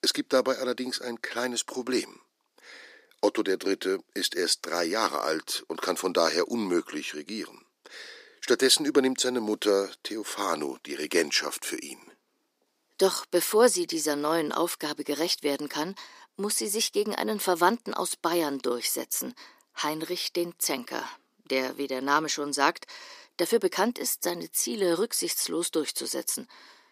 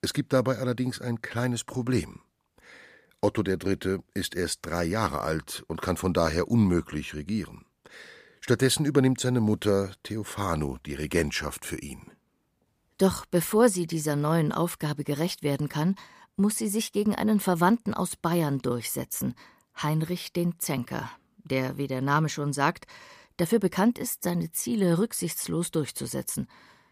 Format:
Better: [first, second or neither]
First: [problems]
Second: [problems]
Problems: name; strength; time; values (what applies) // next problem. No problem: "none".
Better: second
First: thin; somewhat; fading below 300 Hz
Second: none